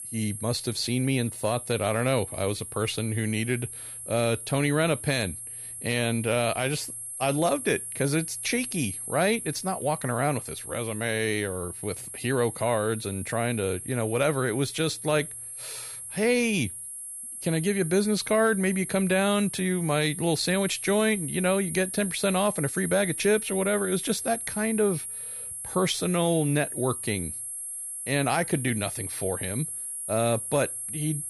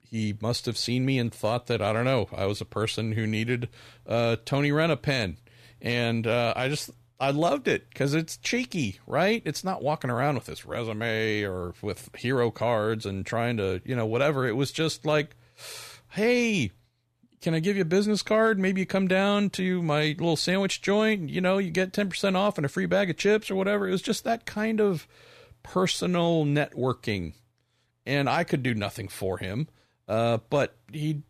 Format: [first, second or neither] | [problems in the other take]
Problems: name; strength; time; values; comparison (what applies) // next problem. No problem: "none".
second | high-pitched whine; loud; throughout; 11 kHz, 7 dB below the speech